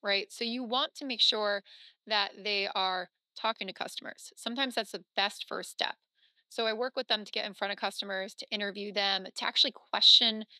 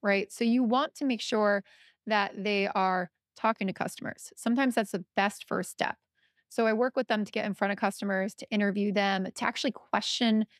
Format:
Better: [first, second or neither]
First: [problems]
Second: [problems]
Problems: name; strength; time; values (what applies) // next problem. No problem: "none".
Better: second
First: thin; very slightly; fading below 350 Hz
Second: none